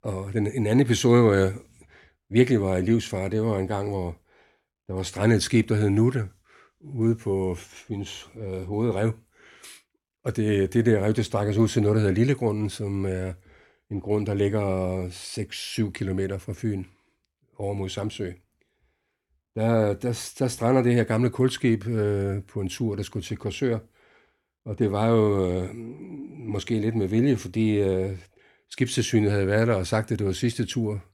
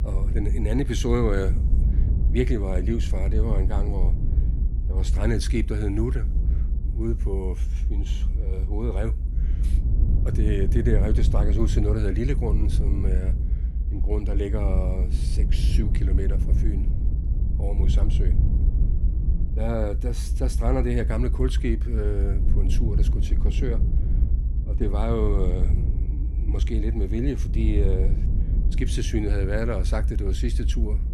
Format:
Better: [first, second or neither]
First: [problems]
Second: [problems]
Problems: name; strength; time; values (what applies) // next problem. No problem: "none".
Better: first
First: none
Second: low rumble; loud; throughout; 9 dB below the speech